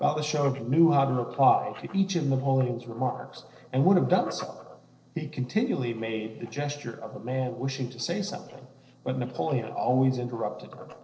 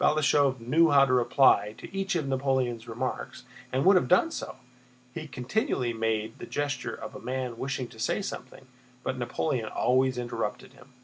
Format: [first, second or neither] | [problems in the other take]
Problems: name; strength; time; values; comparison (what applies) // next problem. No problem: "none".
second | noise reduction (neural separator model SepFormer DNS4)